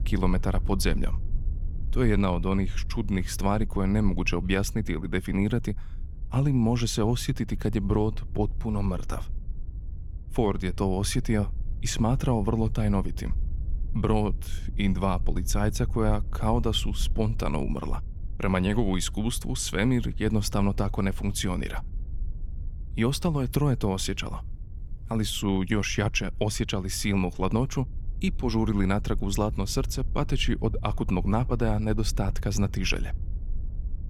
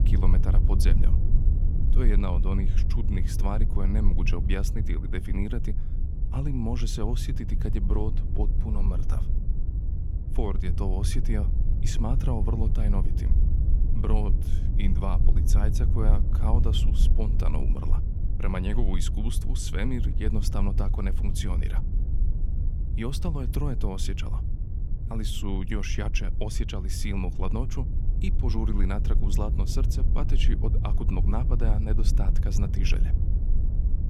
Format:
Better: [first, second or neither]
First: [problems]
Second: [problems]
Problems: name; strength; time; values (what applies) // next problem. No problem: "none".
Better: first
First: low rumble; faint; throughout; 25 dB below the speech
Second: low rumble; loud; throughout; 7 dB below the speech